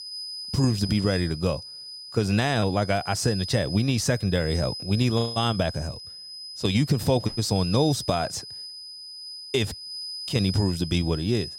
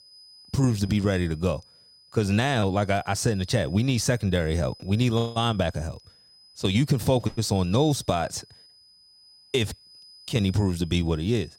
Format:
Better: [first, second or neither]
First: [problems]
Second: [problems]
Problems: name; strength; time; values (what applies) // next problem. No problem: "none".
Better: second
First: high-pitched whine; loud; throughout; 5 kHz, 10 dB below the speech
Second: high-pitched whine; faint; throughout; 5 kHz, 25 dB below the speech